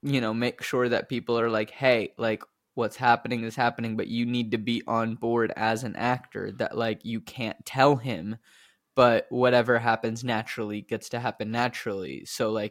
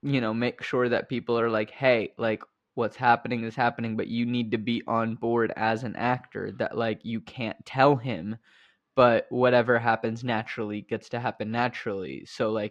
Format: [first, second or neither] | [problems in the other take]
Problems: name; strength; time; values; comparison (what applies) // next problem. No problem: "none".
first | muffled; very slightly; fading above 3.5 kHz